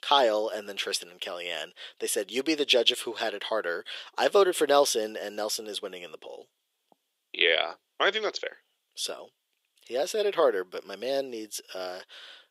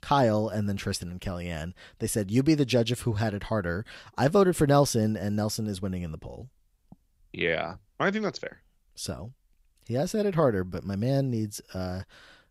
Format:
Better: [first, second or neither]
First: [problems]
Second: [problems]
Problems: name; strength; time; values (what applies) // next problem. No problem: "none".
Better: second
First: thin; very; fading below 400 Hz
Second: none